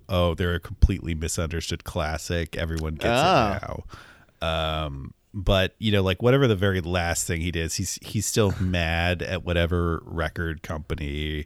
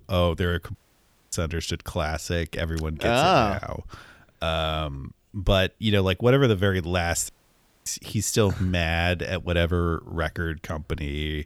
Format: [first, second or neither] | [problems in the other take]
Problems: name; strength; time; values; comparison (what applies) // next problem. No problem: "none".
first | audio cutting out; at 1 s for 0.5 s and at 7.5 s for 0.5 s